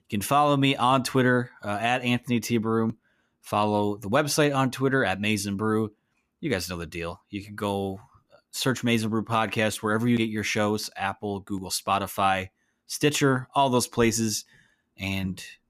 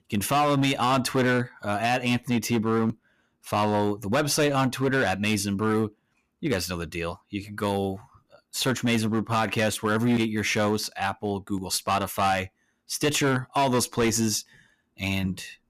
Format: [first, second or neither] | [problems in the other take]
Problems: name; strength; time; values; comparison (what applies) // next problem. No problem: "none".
first | distortion; slight; 8% of the sound clipped